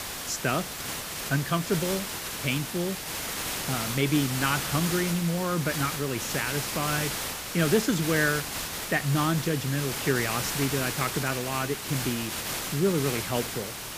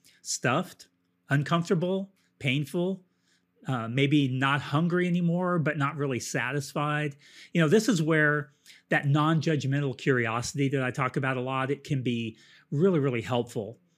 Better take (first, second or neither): second